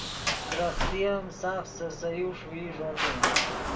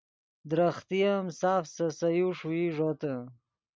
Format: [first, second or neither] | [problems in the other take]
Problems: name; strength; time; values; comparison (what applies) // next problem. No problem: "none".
second | background sound (Sliding door); 2 dB above the speech // room echo; dies away in 0.2 s